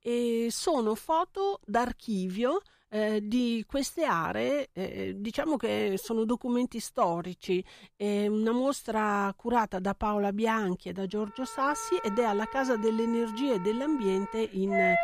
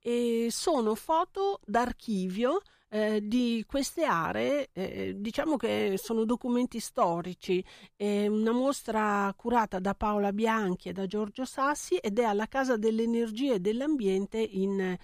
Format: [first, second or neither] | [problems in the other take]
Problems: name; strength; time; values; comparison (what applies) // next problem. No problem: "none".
second | background music; loud; from 11 s on; 7 dB below the speech